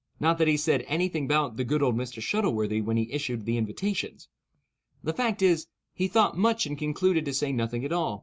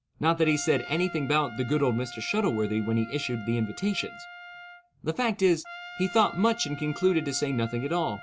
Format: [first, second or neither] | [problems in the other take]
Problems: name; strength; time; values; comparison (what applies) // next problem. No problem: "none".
first | background sound (Trumpet); 16 dB below the speech